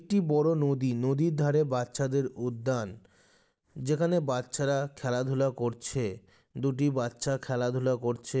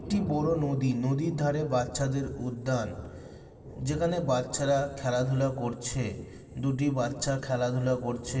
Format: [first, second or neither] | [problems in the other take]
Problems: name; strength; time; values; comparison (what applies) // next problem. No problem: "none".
first | background sound (Thunder); 15 dB below the speech // room echo; dies away in 2.5 s